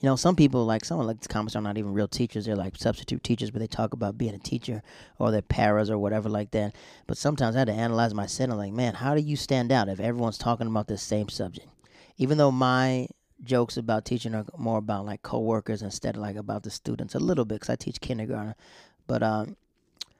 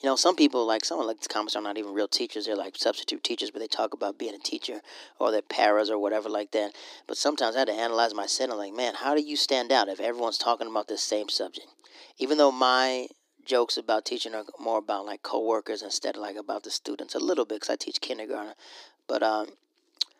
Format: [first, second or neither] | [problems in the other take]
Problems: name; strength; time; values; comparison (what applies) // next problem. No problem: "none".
first | thin; somewhat; fading below 300 Hz